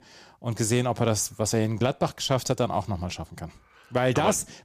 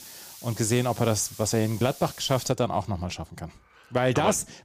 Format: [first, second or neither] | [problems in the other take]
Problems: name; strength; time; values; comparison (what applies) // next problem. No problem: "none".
first | hiss; noticeable; until 2.5 s; 15 dB below the speech